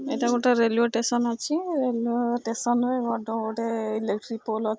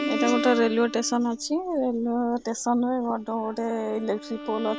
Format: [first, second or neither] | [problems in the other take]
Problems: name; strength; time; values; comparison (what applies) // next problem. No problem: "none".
first | background sound (Bowed string instrument); 9 dB below the speech